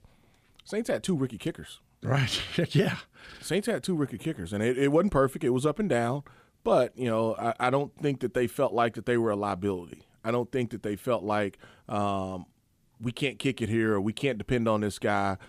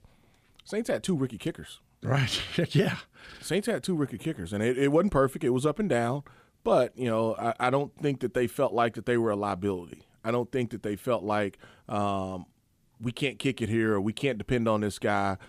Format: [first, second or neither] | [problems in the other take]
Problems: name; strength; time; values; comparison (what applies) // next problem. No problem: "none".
neither | none